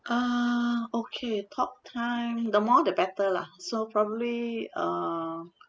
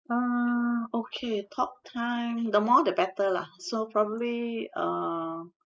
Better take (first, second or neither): first